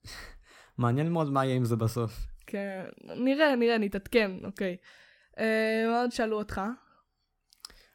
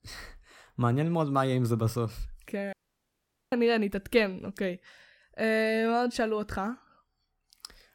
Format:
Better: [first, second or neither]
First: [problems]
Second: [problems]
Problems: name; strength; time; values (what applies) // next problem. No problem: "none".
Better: first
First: none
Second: audio cutting out; at 2.5 s for 1 s